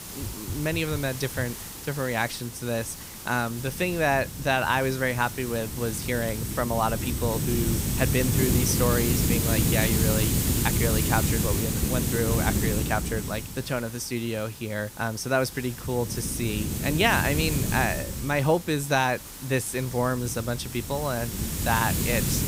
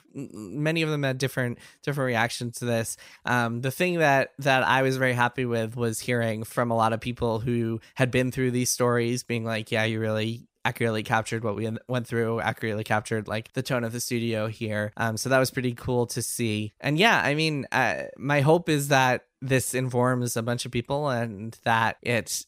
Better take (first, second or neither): second